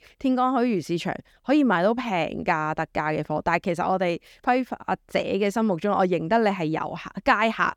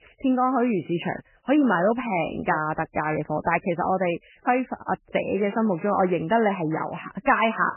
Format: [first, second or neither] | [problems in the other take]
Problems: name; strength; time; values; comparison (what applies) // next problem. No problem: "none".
first | garbled, watery; badly; nothing above 3 kHz